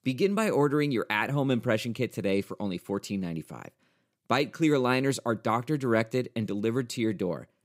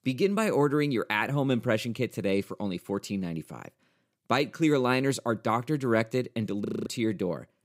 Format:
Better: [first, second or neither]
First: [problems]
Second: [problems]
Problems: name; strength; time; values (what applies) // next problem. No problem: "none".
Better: first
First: none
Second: audio freezing; at 6.5 s